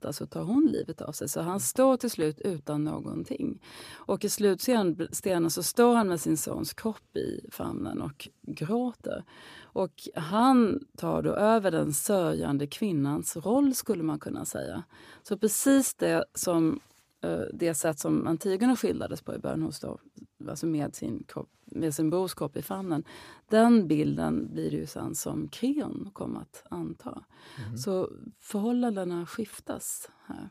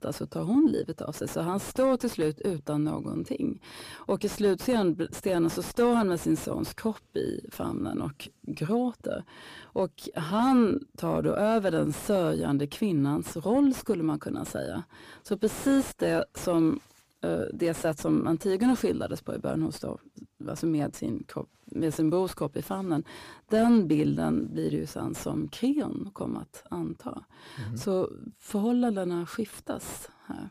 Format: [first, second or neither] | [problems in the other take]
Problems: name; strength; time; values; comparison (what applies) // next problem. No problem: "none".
first | distortion; slight; 10 dB below the speech